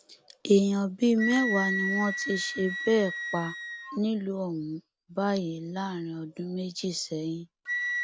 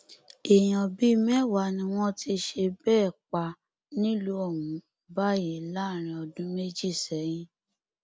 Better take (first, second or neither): second